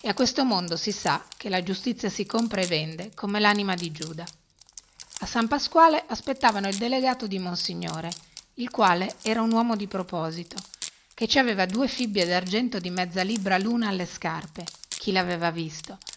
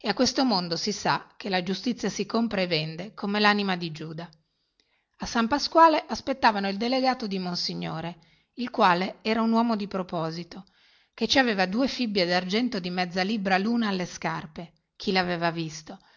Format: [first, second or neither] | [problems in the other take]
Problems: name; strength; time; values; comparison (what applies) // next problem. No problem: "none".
second | background sound (Wood); 19 dB below the speech